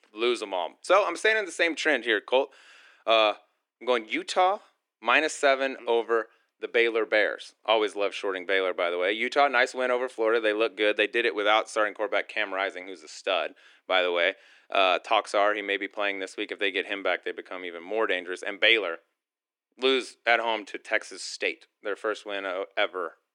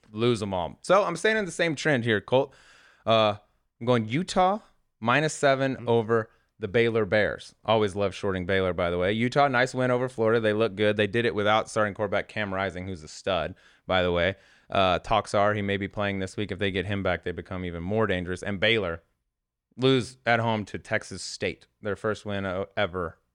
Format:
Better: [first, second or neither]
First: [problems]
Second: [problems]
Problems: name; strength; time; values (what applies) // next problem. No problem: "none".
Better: second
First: thin; somewhat; fading below 300 Hz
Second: none